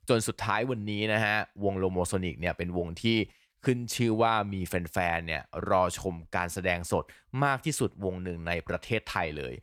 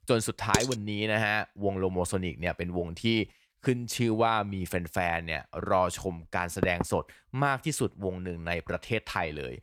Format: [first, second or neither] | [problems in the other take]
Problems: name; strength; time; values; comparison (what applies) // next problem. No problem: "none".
first | clattering dishes; loud; at 0.5 s; peak 1 dB above the speech // door banging; noticeable; at 6.5 s; peak 2 dB below the speech